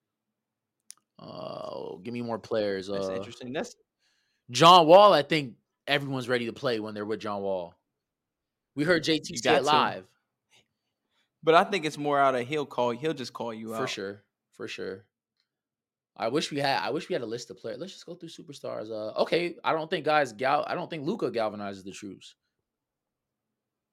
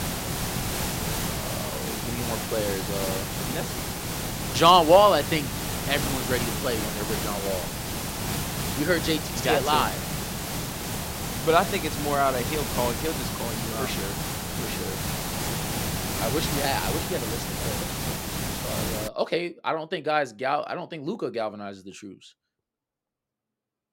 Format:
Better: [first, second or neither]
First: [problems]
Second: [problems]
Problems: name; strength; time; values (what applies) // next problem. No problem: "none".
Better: first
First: none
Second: hiss; loud; until 19 s; 3 dB below the speech